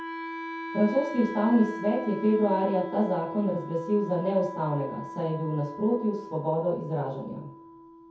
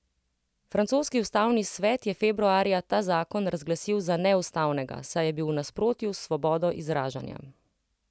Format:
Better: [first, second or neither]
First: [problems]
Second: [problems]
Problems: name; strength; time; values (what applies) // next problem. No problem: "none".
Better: second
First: background sound (Wind instrument, woodwind instrument); 11 dB below the speech // room echo; dies away in 0.6 s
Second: none